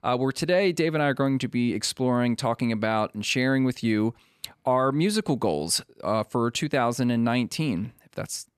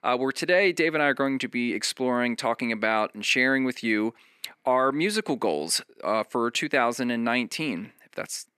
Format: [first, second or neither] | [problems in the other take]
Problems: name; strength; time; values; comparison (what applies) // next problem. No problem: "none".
first | thin; very slightly; fading below 300 Hz